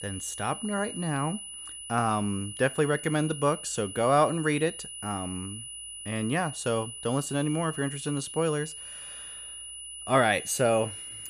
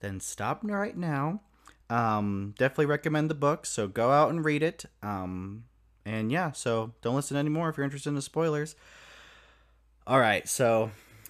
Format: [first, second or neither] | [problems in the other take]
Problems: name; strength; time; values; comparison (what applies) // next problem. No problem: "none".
second | high-pitched whine; loud; throughout; 10 kHz, 10 dB below the speech